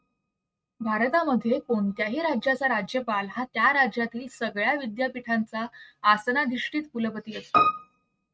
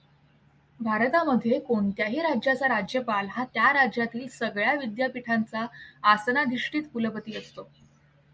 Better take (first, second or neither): second